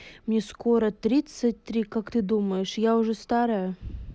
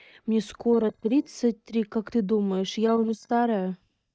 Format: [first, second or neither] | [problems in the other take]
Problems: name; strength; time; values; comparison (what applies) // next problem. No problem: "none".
first | noise reduction (neural mask model DeepFilterNet 3)